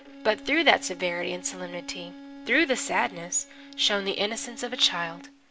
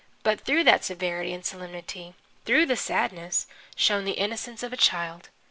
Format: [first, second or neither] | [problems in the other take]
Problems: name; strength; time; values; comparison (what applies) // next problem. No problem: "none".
second | background sound (Bowed string instrument); 17 dB below the speech